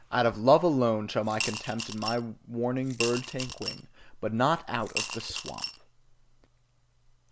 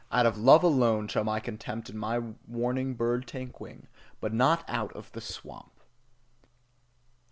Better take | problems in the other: second | background sound (Coin (dropping) / Glass); 8 dB below the speech

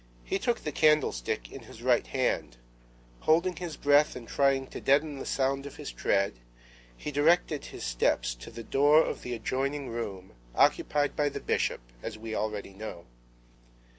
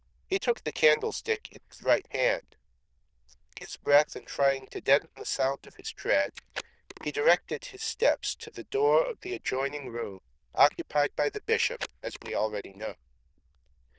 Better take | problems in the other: first | noise reduction (neural diffusion model UNIVERSE++)

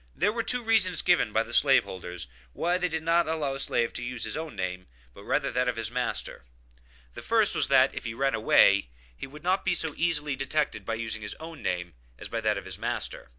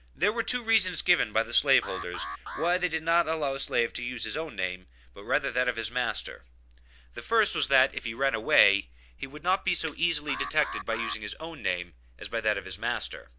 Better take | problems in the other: first | background sound (Alarm); 10 dB below the speech

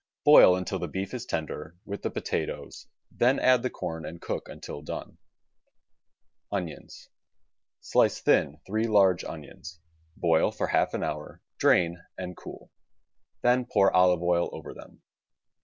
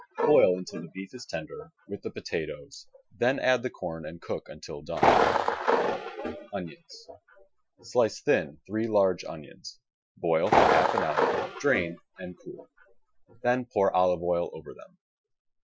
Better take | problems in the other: first | noise reduction (classical method Wiener filter)

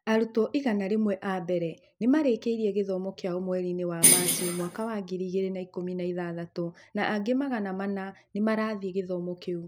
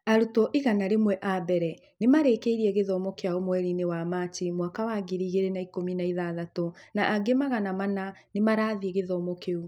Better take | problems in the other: second | background sound (Bell); 4 dB above the speech

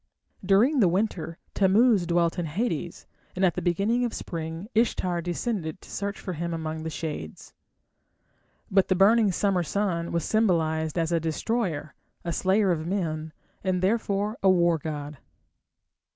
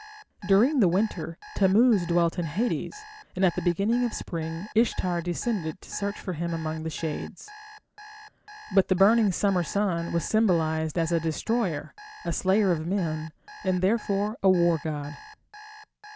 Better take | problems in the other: first | background sound (Alarm); 20 dB below the speech

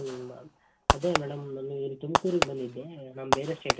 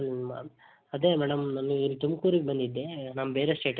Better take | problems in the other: second | background sound (Fireworks); 2 dB above the speech // room echo; dies away in 0.2 s

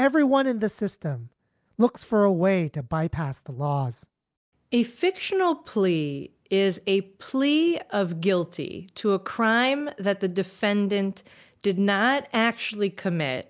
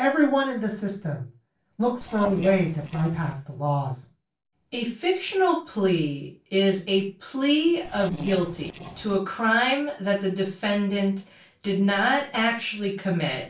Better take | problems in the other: first | noise reduction (neural separator model SepFormer DNS4)

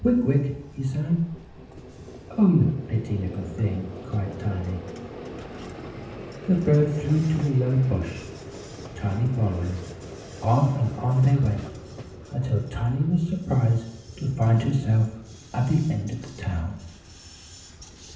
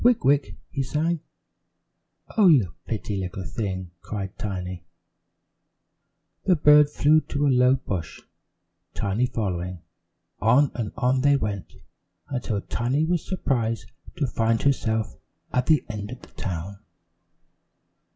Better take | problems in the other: second | background sound (Vehicle); 15 dB below the speech // room echo; dies away in 0.8 s

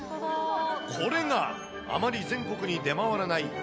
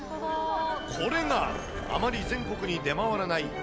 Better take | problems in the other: first | background sound (Vehicle); 10 dB below the speech

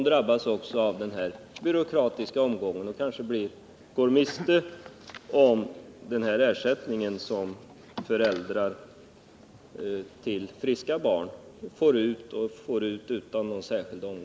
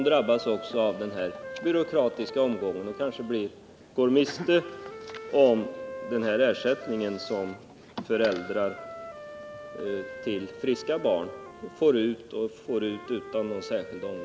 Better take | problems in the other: first | background sound (Wind instrument, woodwind instrument); 15 dB below the speech

